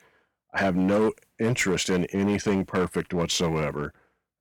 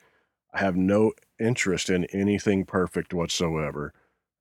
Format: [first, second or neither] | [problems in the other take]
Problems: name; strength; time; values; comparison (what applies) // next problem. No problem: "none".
second | distortion; slight; 8% of the sound clipped